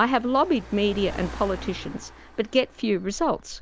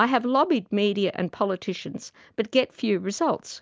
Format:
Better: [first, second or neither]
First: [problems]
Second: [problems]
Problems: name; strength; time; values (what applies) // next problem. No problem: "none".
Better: second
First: background sound (Car); 14 dB below the speech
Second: none